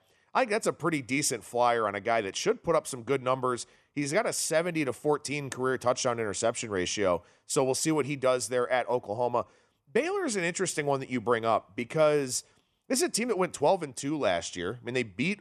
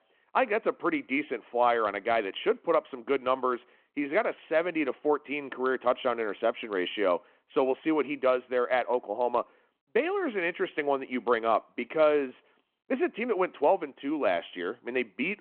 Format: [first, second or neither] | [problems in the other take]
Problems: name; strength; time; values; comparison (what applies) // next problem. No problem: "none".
first | phone-call audio